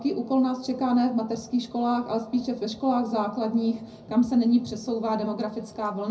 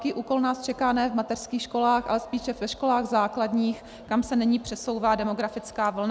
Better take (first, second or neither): second